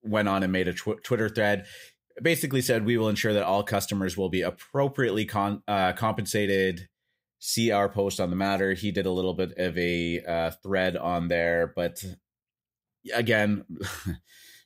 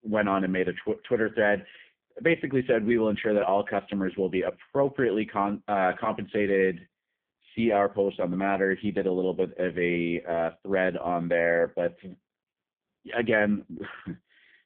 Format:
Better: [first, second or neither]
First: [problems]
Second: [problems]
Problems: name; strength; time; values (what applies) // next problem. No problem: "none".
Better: first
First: none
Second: phone-call audio; poor line